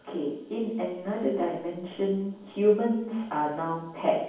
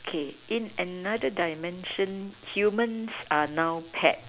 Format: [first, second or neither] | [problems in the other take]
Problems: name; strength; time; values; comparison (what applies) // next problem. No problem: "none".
second | room echo; dies away in 1.2 s